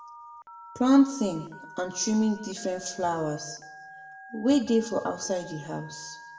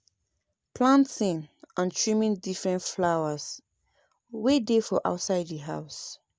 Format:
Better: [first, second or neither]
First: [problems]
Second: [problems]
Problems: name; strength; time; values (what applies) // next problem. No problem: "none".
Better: second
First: background sound (Telephone); 18 dB below the speech // room echo; dies away in 0.7 s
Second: none